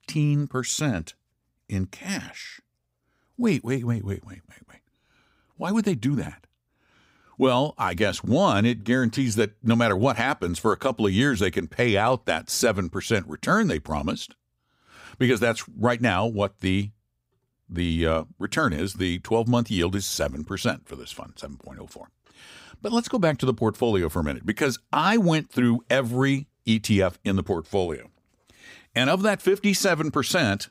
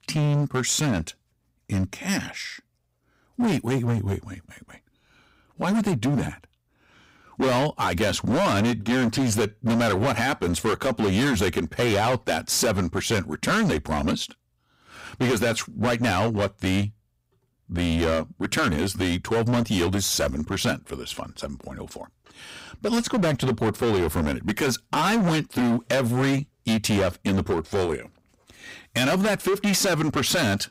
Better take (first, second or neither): first